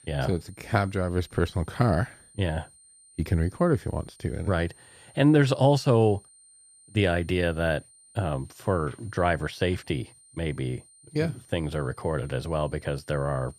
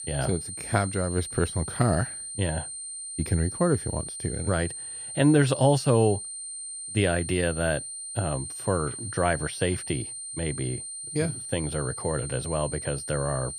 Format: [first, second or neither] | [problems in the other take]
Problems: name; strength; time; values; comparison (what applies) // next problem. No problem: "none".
first | high-pitched whine; loud; throughout; 9 kHz, 7 dB below the speech; faint in the first